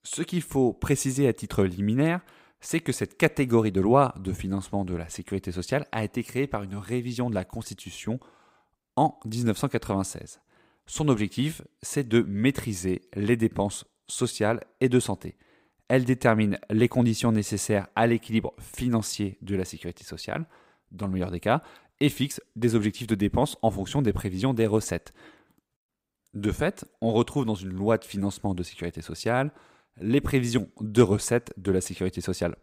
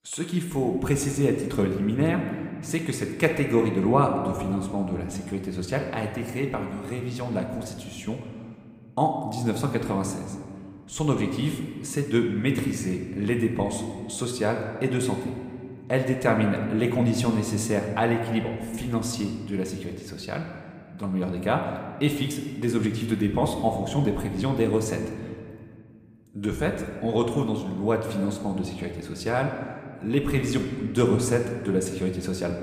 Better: first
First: none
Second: room echo; slight; dies away in 1.6 s

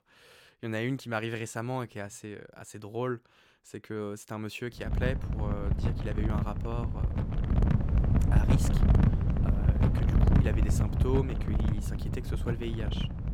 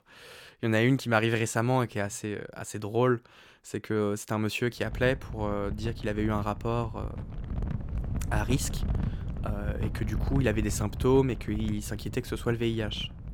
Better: second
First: wind noise on the microphone; heavy; from 5 s on; 1 dB below the speech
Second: wind noise on the microphone; occasional gusts; from 5 s on; 15 dB below the speech

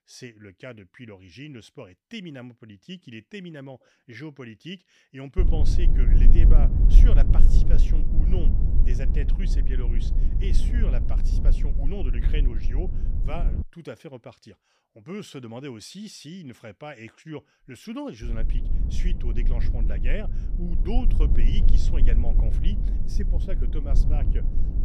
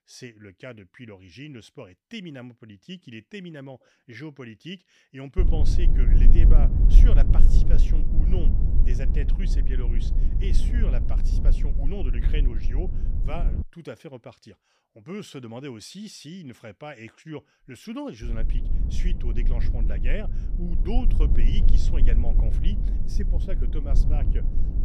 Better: neither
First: low rumble; loud; from 5.5 to 14 s and from 18 s on; 3 dB below the speech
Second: low rumble; loud; from 5.5 to 14 s and from 18 s on; 3 dB below the speech

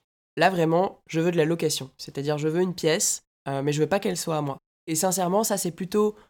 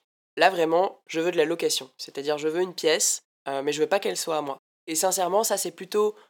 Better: first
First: none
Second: thin; somewhat; fading below 400 Hz

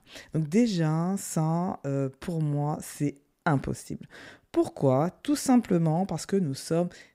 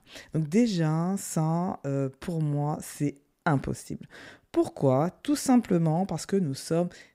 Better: neither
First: none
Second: none

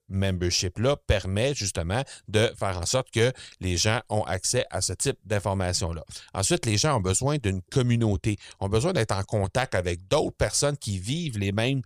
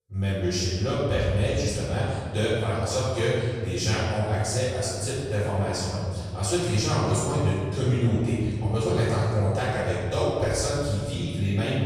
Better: first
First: none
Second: room echo; strong; dies away in 2.3 s // off-mic speech; far

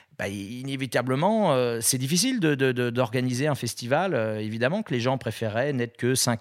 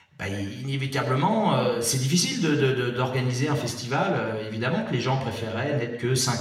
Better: first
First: none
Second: room echo; slight; dies away in 1 s // off-mic speech; somewhat distant

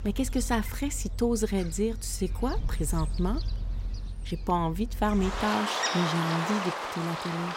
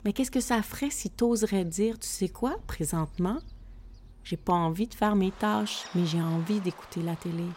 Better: second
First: animal sounds; loud; throughout; 4 dB below the speech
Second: animal sounds; faint; throughout; 20 dB below the speech

